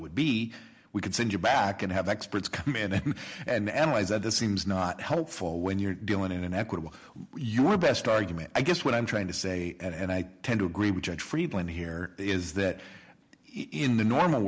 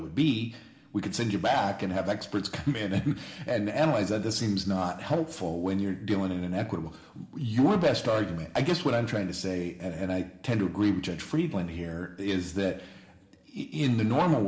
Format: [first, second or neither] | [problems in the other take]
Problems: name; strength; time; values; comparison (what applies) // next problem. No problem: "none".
first | room echo; dies away in 2 s